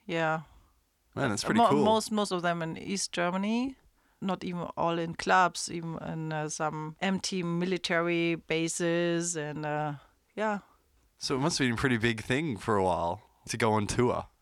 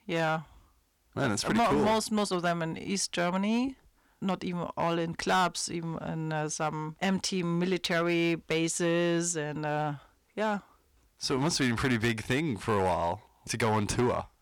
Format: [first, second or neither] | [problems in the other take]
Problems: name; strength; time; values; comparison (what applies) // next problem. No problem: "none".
first | distortion; slight; 5% of the sound clipped